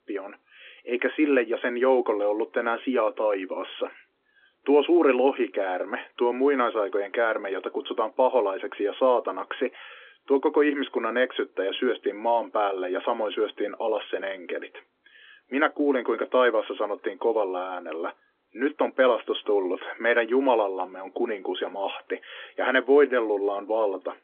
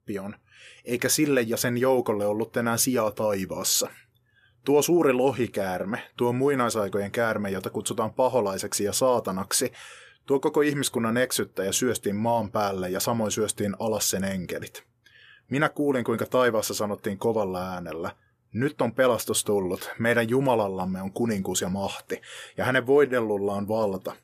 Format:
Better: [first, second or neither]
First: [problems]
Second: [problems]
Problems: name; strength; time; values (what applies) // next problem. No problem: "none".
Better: second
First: phone-call audio; nothing above 3.5 kHz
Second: none